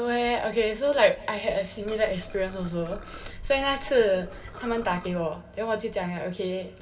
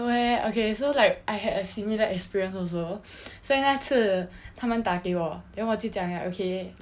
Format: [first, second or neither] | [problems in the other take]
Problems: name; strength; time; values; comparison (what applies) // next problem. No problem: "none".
second | background sound (Liquid); 14 dB below the speech // room echo; dies away in 2.8 s